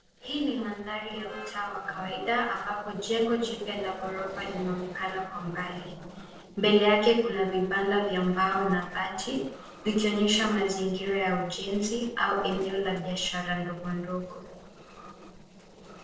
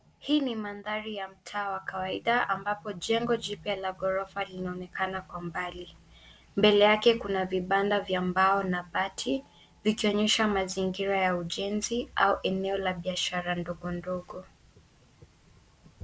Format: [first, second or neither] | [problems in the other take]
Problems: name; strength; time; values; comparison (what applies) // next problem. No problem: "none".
second | noise reduction (neural separator model SepFormer DNS4)